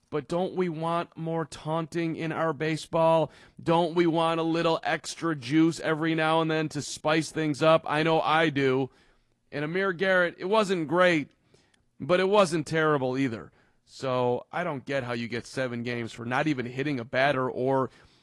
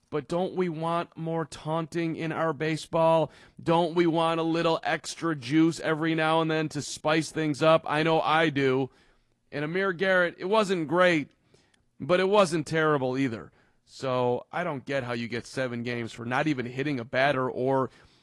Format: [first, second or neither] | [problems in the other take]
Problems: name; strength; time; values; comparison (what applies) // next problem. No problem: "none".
neither | garbled, watery; slightly; the same in both